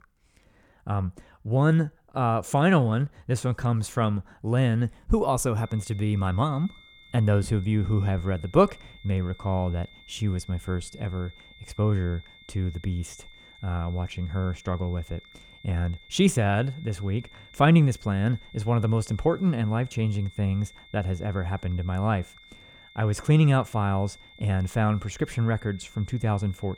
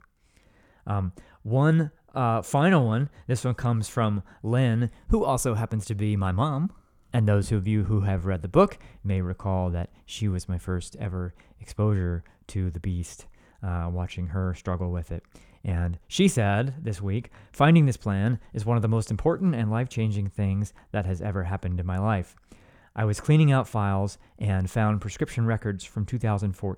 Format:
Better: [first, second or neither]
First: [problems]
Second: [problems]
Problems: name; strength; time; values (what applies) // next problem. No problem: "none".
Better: second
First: high-pitched whine; faint; from 5.5 s on; 2 kHz, 25 dB below the speech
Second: none